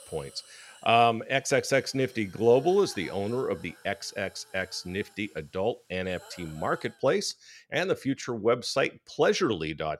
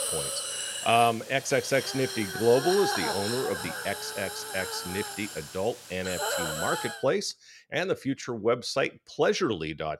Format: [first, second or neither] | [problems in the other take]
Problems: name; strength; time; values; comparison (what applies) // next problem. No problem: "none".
first | hiss; loud; until 7 s; 4 dB below the speech; faint in the first